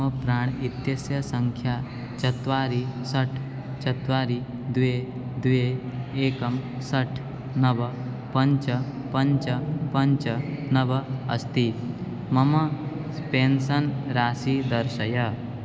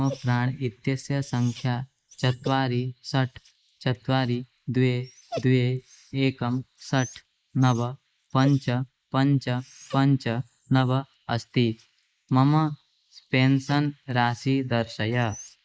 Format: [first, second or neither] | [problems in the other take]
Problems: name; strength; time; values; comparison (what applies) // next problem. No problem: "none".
first | noise reduction (neural mask model Resemble Enhance denoiser)